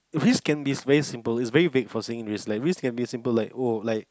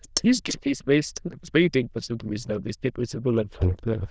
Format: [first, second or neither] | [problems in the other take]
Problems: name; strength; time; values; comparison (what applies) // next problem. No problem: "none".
first | noise reduction (neural diffusion model UNIVERSE++)